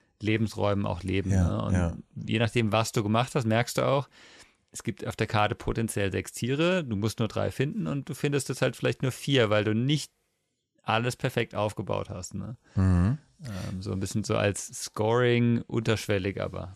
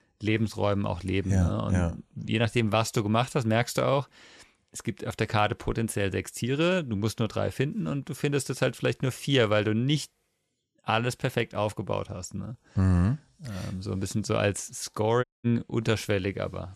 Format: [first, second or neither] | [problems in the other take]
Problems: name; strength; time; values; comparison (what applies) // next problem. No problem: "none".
first | audio cutting out; at 15 s